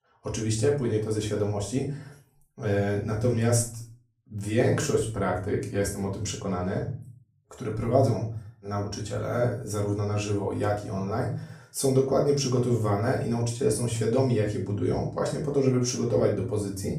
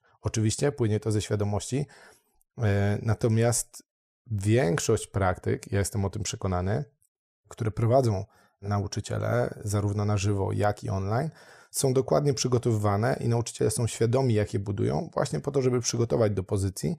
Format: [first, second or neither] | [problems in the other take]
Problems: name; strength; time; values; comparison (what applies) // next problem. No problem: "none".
second | off-mic speech; far // room echo; slight; dies away in 0.4 s